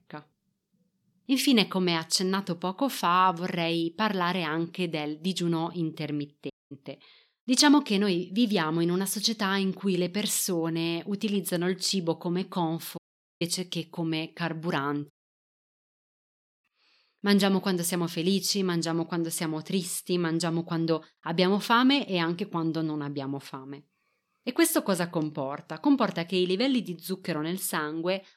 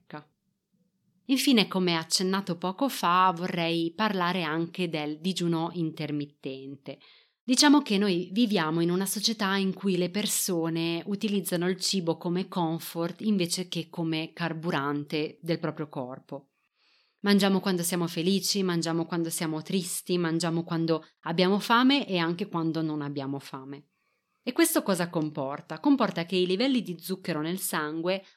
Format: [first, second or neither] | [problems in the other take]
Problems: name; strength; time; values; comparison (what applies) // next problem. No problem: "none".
second | audio cutting out; at 6.5 s, at 13 s and at 15 s for 1.5 s